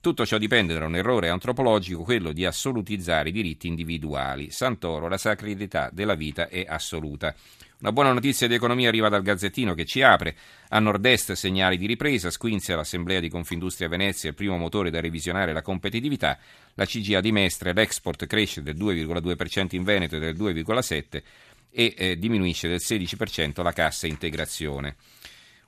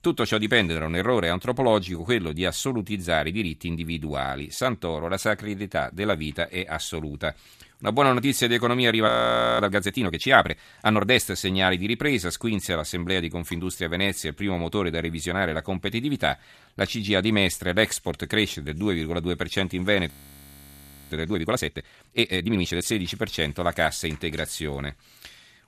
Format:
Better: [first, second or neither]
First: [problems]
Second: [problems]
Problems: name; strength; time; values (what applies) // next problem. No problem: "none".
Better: first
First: none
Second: audio freezing; at 9 s for 0.5 s and at 20 s for 1 s